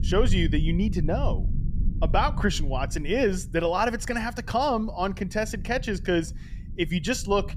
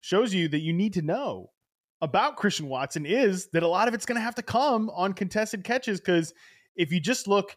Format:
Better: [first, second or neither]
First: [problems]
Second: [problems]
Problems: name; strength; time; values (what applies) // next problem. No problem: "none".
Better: second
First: low rumble; noticeable; throughout; 20 dB below the speech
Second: none